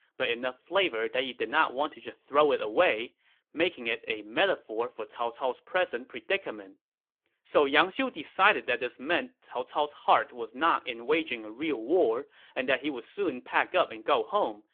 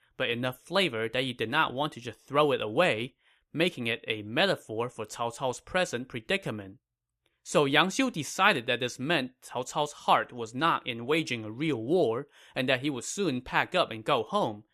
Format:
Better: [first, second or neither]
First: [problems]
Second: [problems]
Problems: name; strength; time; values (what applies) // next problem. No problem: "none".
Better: second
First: phone-call audio; nothing above 3.5 kHz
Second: none